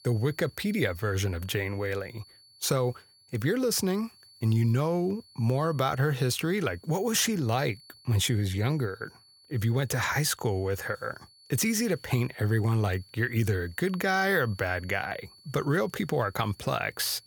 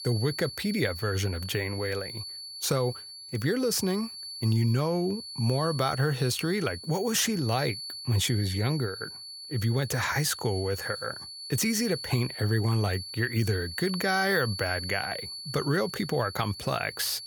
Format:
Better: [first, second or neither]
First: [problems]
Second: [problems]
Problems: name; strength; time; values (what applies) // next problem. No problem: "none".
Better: first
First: high-pitched whine; faint; throughout; 4.5 kHz, 25 dB below the speech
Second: high-pitched whine; loud; throughout; 4.5 kHz, 9 dB below the speech